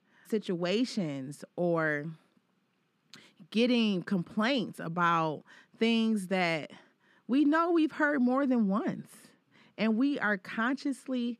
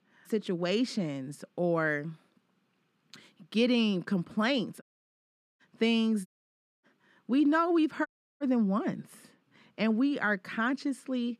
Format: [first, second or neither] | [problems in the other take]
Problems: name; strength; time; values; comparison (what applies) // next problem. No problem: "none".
first | audio cutting out; at 5 s for 1 s, at 6.5 s for 0.5 s and at 8 s